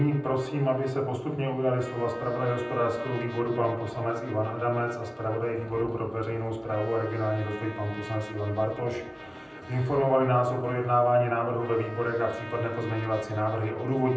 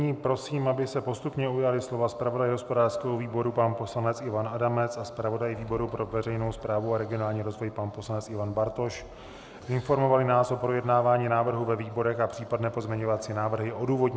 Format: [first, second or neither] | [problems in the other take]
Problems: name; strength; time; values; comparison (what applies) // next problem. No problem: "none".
second | background sound (Trumpet); 17 dB below the speech // room echo; dies away in 0.6 s